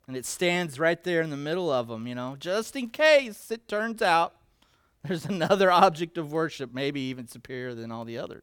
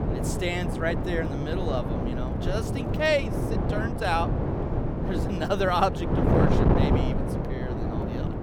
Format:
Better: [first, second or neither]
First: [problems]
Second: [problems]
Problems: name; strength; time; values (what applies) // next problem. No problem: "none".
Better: first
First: none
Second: wind noise on the microphone; heavy; 4 dB below the speech